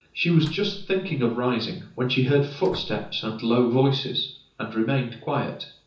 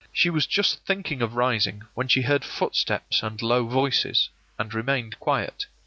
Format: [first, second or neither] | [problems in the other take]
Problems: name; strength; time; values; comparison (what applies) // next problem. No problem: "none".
second | background sound (Slam); 19 dB below the speech // room echo; dies away in 0.6 s